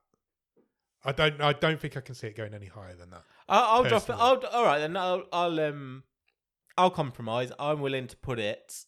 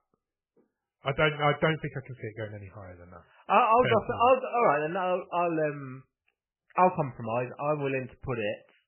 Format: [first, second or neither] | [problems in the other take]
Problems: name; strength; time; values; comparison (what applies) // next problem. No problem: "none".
first | garbled, watery; badly; nothing above 3 kHz